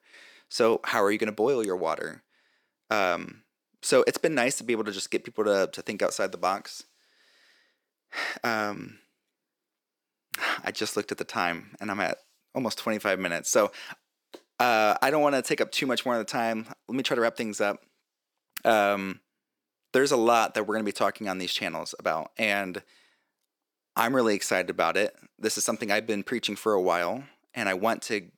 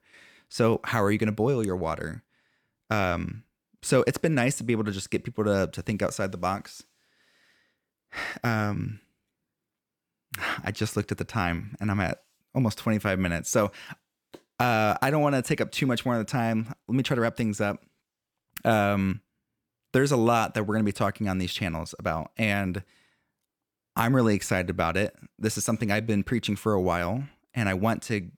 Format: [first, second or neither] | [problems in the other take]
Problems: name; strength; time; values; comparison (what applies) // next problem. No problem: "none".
second | thin; somewhat; fading below 400 Hz